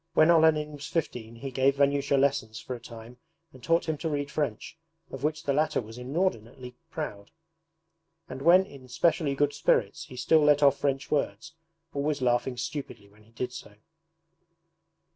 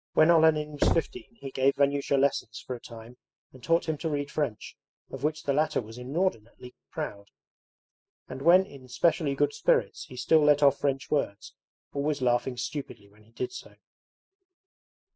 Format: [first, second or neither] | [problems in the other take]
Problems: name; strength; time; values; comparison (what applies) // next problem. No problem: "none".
first | noise reduction (classical method spectral subtraction)